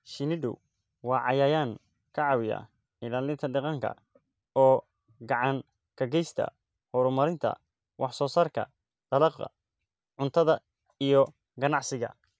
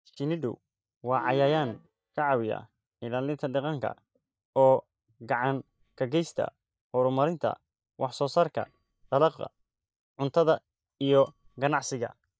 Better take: first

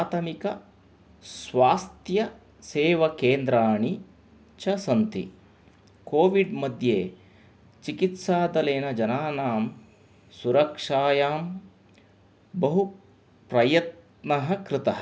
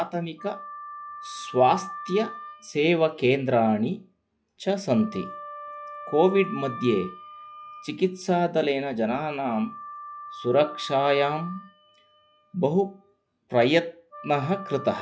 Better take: first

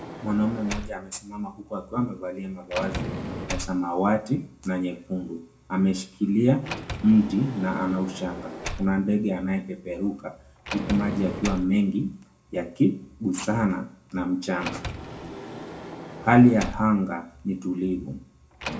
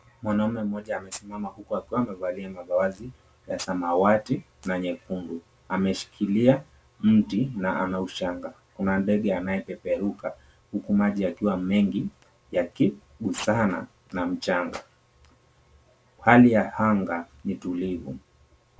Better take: second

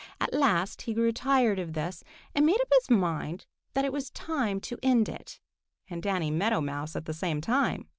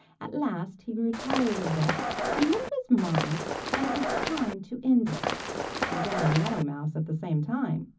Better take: first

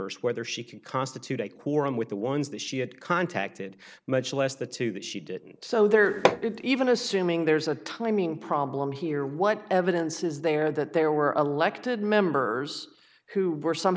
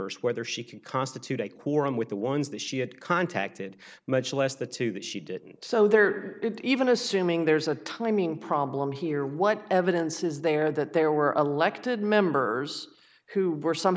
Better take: second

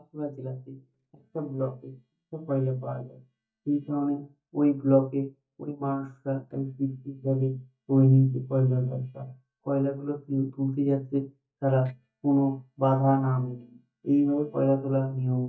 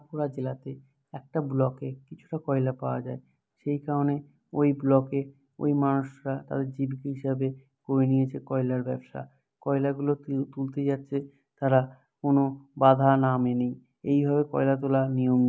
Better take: second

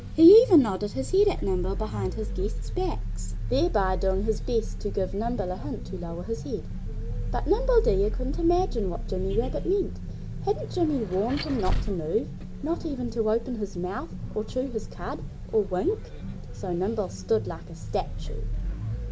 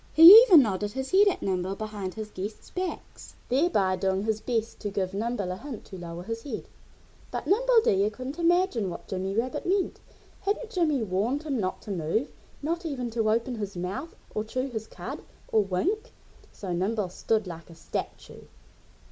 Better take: second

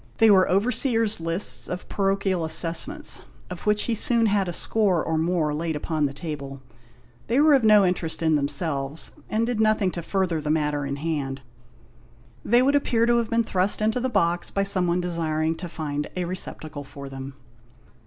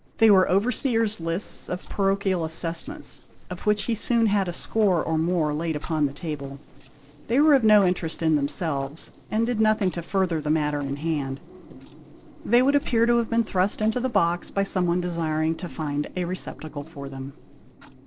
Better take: first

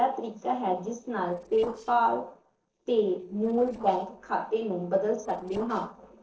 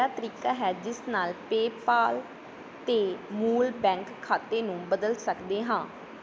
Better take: second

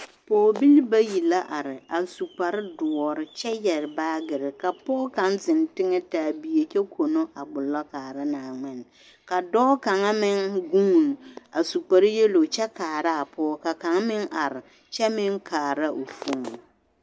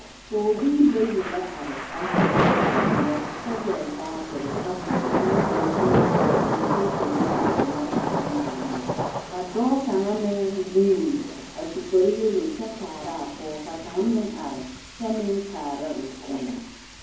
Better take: first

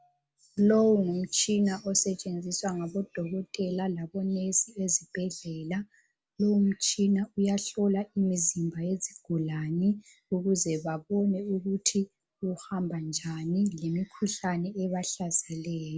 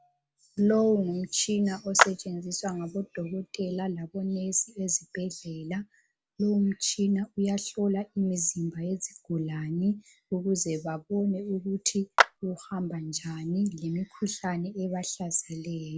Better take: first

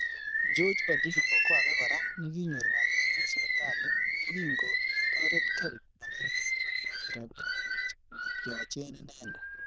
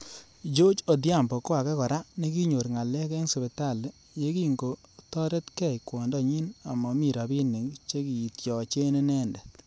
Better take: second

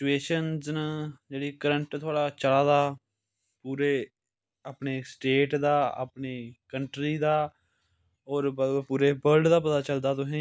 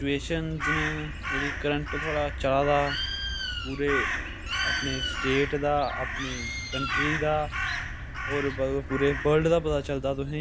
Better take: first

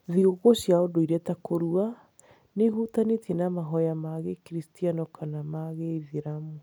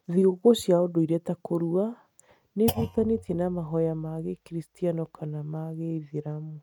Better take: first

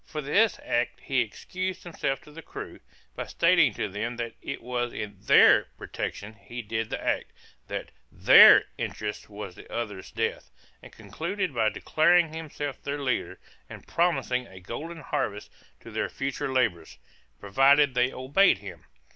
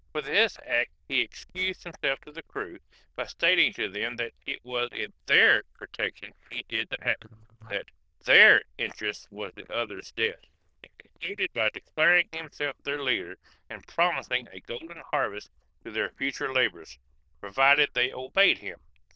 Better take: first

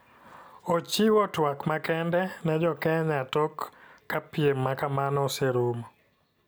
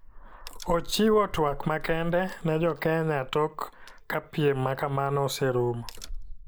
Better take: first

